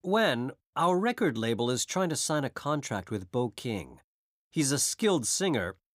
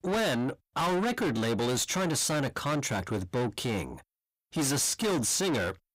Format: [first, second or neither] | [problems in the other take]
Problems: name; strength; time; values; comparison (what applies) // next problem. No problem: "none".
first | distortion; heavy; 6 dB below the speech